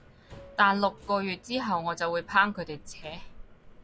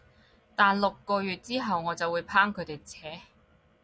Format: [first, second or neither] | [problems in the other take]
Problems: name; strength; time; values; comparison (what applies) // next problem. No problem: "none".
second | background sound (Subway, metro, underground); 19 dB below the speech